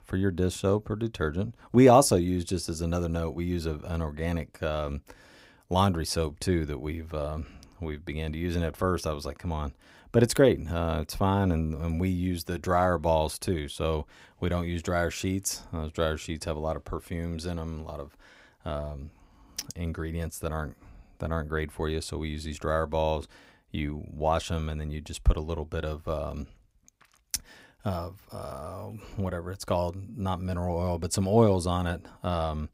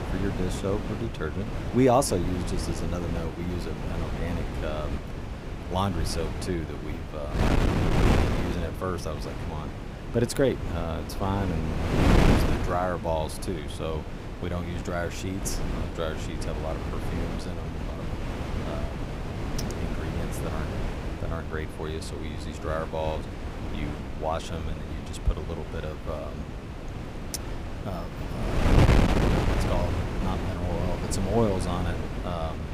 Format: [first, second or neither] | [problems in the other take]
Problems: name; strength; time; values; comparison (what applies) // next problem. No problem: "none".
first | wind noise on the microphone; heavy; 2 dB below the speech